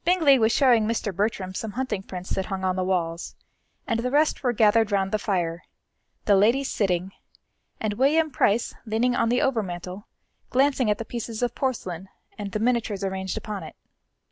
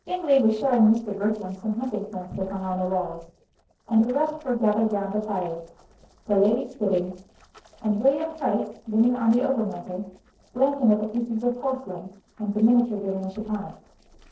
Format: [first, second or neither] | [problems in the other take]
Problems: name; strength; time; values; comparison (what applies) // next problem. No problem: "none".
first | noise reduction (neural separator model SepFormer DNS4)